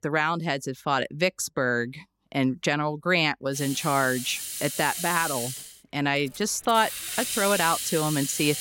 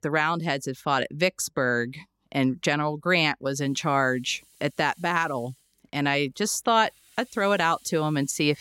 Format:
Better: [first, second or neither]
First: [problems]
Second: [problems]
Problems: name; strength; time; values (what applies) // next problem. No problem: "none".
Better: second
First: hiss; loud; from 3.5 s on; 4 dB below the speech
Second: hiss; faint; from 3.5 s on; 30 dB below the speech